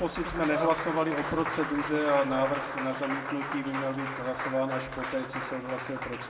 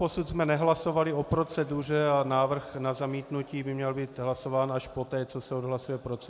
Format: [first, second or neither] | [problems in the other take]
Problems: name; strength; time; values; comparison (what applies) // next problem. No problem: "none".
second | background sound (Applause); 5 dB below the speech // room echo; dies away in 1.2 s